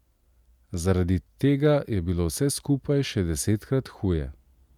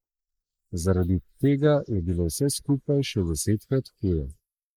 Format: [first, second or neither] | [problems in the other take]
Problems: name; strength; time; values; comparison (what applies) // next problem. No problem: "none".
first | noise reduction (neural mask model Resemble Enhance denoiser)